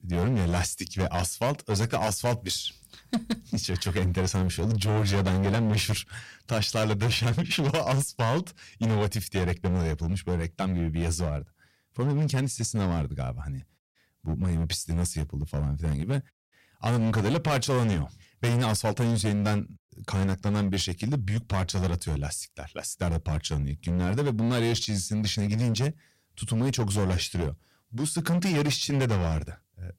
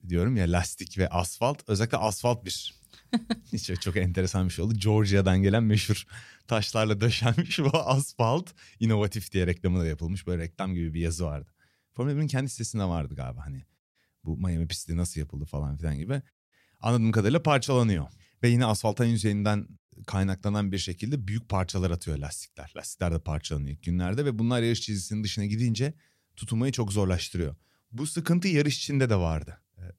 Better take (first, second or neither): second